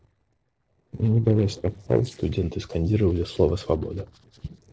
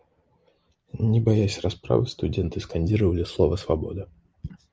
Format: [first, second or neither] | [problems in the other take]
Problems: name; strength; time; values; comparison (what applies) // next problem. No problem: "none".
second | noise reduction (neural separator model SepFormer DNS4)